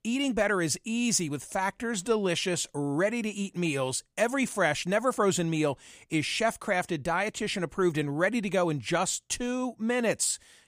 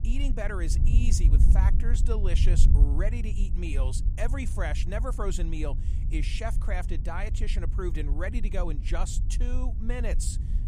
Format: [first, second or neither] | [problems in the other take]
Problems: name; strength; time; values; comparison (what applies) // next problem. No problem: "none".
first | wind noise on the microphone; heavy; 9 dB below the speech